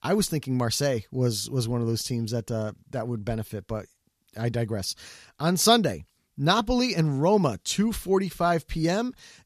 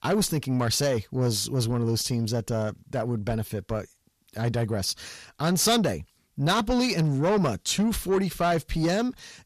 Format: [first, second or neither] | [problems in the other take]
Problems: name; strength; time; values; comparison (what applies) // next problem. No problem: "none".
first | distortion; slight; 10 dB below the speech